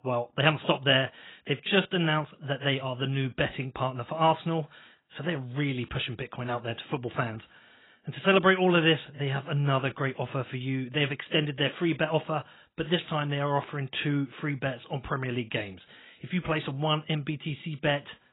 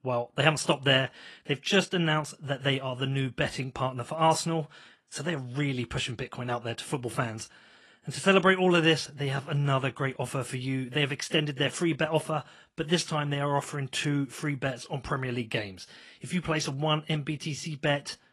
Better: second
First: garbled, watery; badly; nothing above 3.5 kHz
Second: garbled, watery; slightly

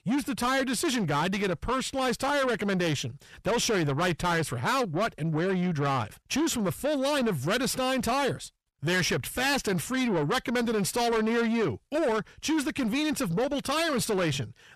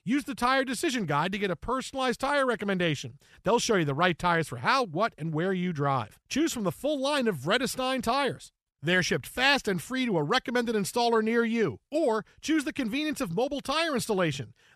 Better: second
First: distortion; heavy; 8 dB below the speech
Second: none

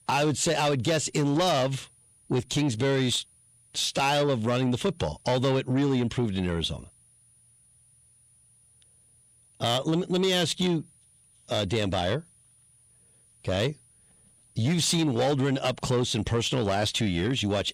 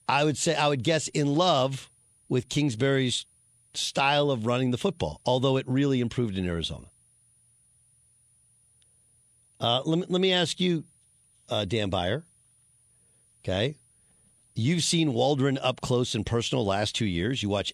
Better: second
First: distortion; slight; 10 dB below the speech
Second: none

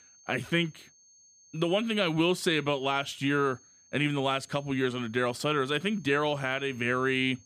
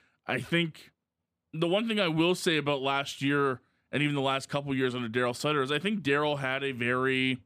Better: second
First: high-pitched whine; faint; throughout; 6.5 kHz, 30 dB below the speech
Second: none

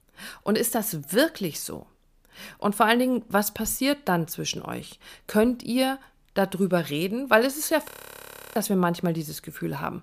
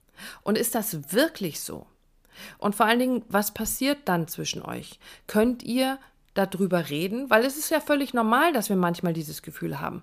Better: second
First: audio freezing; at 8 s for 0.5 s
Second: none

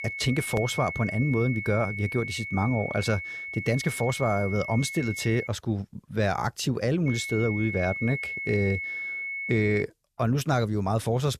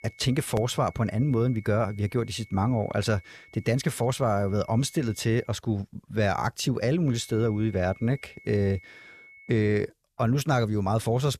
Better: second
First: high-pitched whine; loud; until 5.5 s and from 7 to 10 s; 2 kHz, 6 dB below the speech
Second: high-pitched whine; faint; until 5.5 s and from 7 to 10 s; 2 kHz, 25 dB below the speech

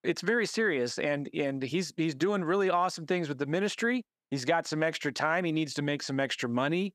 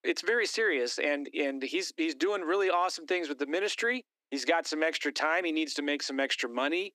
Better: first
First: none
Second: thin; very slightly; fading below 300 Hz

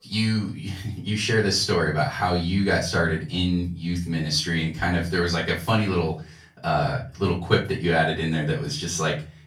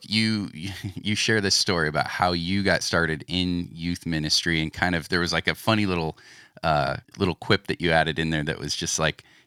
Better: second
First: off-mic speech; far // room echo; slight; dies away in 0.3 s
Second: none

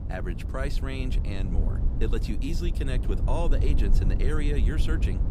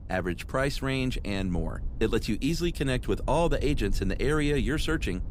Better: second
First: low rumble; loud; throughout; 7 dB below the speech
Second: low rumble; faint; throughout; 25 dB below the speech

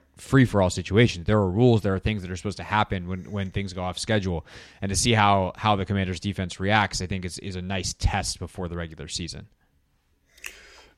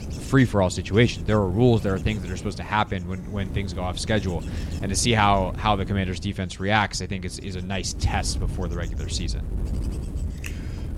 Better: first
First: none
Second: wind noise on the microphone; occasional gusts; 20 dB below the speech

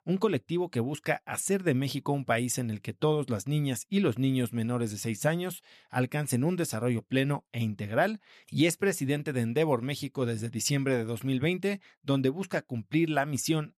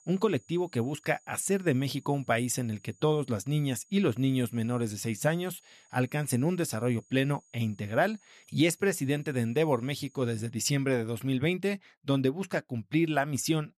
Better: first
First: none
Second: high-pitched whine; faint; until 10 s; 6.5 kHz, 30 dB below the speech

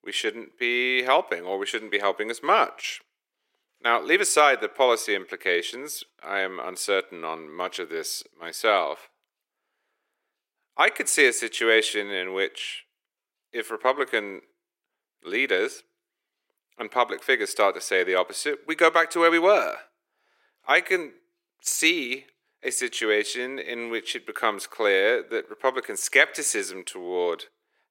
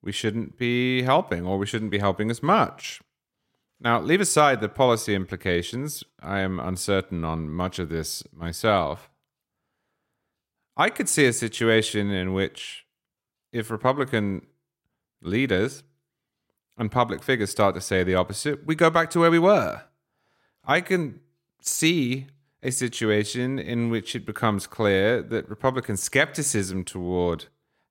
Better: second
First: thin; very; fading below 400 Hz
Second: none

